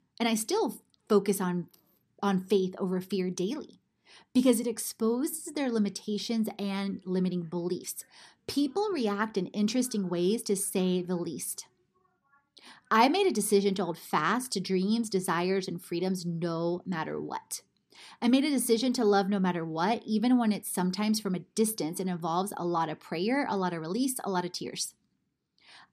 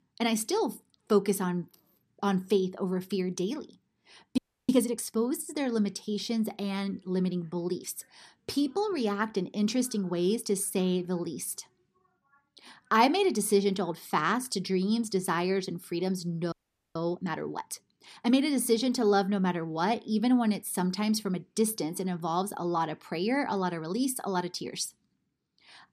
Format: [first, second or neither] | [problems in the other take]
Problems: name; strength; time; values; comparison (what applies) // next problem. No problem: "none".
first | audio freezing; at 4.5 s and at 17 s